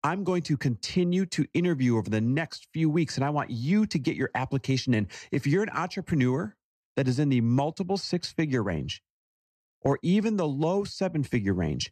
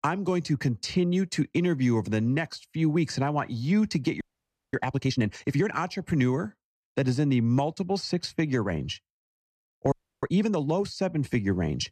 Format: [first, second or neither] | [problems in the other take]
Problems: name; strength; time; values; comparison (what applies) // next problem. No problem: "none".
first | audio freezing; at 4 s for 0.5 s and at 10 s